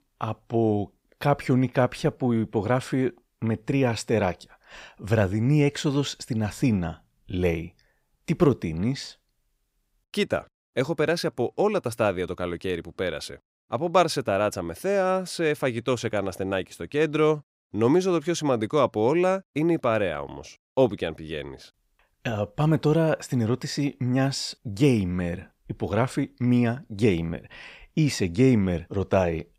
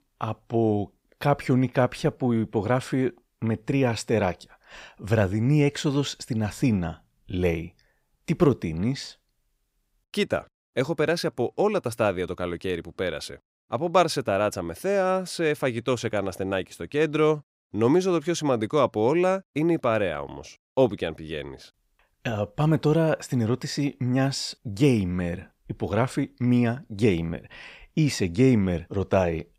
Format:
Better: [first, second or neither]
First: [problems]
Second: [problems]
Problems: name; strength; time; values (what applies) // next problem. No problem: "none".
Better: neither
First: none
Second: none